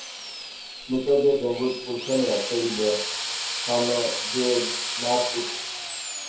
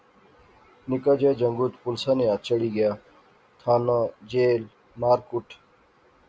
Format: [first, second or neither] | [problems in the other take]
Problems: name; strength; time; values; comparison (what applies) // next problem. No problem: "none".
second | background sound (Drill); 5 dB below the speech // room echo; dies away in 0.5 s